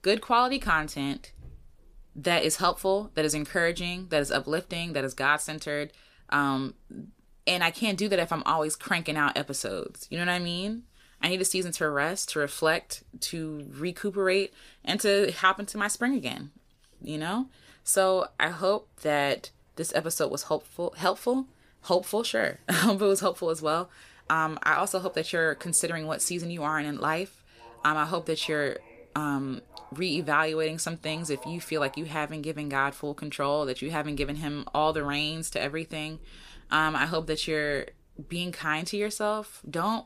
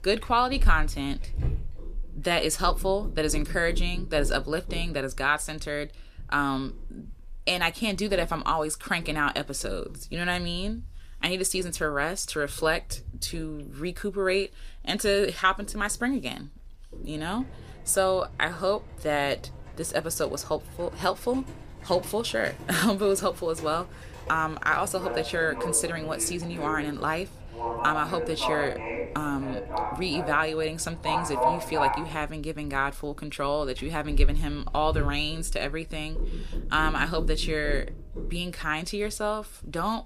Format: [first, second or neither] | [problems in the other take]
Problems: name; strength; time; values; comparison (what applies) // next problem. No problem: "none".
first | animal sounds; loud; throughout; 8 dB below the speech; faint in the first